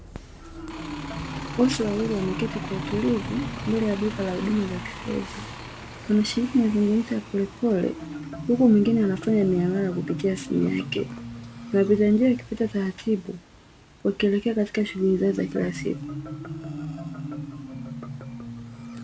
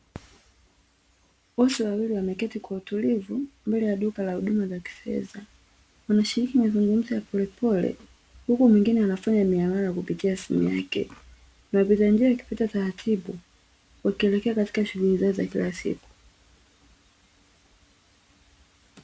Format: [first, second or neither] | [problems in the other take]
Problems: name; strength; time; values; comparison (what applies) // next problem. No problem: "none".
second | background sound (Bus + Marimba, xylophone); 10 dB below the speech